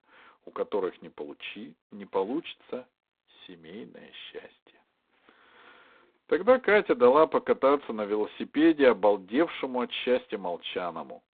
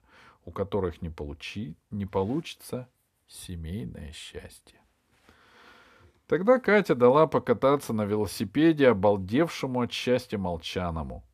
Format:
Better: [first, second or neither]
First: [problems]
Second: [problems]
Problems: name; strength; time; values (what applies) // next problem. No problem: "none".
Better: second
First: phone-call audio; poor line; nothing above 3.5 kHz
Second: none